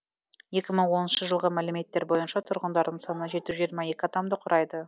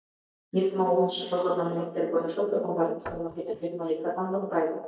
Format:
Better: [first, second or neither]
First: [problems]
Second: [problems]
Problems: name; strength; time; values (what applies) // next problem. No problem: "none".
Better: first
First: none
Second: noise reduction (neural mask model DeepFilterNet 3)